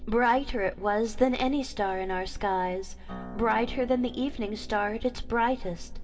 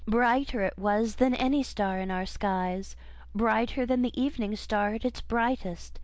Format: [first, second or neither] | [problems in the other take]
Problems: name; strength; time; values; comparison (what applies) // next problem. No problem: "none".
second | background sound (Acoustic guitar); 19 dB below the speech // room echo; dies away in 1.7 s